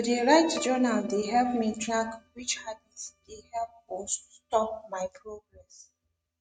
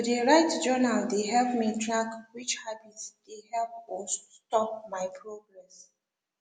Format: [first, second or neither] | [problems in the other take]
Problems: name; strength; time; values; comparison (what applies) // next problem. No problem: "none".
second | noise reduction (neural mask model RNNoise)